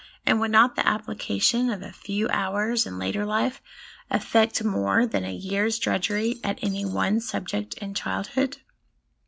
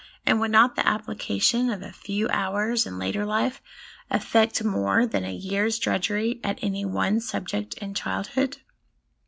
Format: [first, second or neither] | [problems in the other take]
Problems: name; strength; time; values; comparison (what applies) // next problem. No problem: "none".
second | background sound (Shatter); 20 dB below the speech